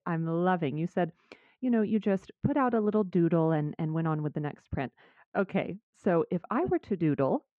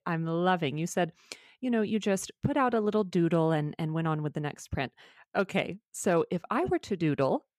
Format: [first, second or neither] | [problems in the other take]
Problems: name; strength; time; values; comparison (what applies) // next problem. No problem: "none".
second | muffled; very; fading above 2 kHz